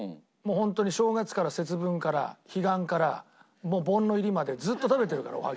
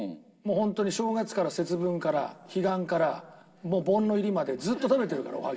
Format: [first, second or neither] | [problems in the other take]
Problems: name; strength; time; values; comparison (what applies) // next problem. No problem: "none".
first | room echo; dies away in 2.1 s